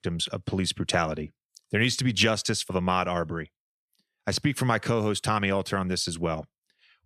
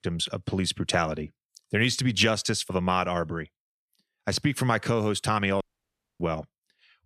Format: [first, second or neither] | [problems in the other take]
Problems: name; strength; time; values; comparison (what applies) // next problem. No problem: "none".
first | audio cutting out; at 5.5 s for 0.5 s